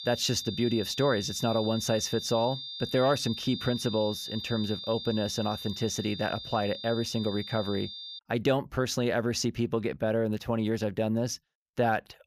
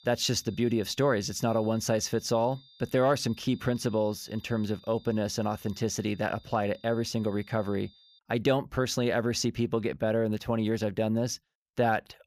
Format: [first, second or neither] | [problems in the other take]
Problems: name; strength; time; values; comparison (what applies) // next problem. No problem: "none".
second | high-pitched whine; loud; until 8 s; 3.5 kHz, 8 dB below the speech; faint in the second